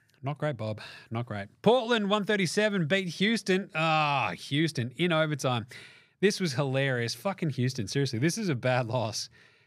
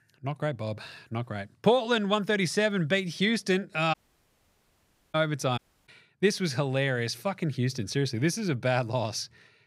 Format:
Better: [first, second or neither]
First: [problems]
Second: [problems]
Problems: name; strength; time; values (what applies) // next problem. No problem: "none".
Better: first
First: none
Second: audio cutting out; at 4 s for 1 s and at 5.5 s